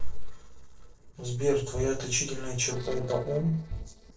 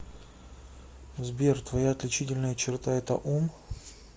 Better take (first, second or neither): second